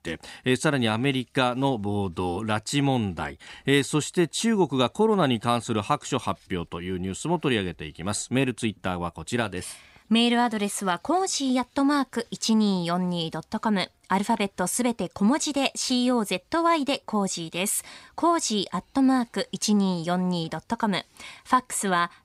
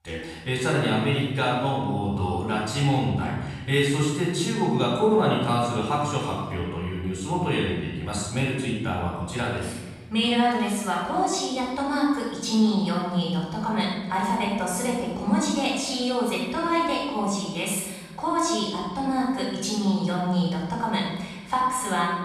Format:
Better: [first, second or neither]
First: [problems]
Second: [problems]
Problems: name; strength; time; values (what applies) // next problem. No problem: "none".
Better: first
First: none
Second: room echo; noticeable; dies away in 1.3 s // off-mic speech; far